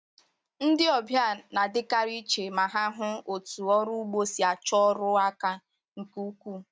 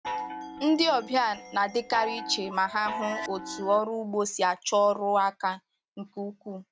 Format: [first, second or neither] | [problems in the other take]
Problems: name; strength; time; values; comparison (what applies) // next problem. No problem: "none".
first | background sound (Chime); 9 dB below the speech